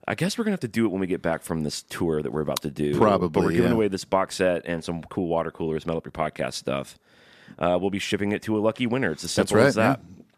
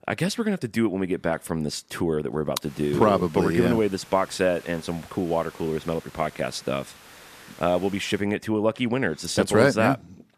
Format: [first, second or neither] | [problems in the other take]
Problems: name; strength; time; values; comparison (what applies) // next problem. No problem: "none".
first | hiss; faint; from 2.5 to 8 s; 20 dB below the speech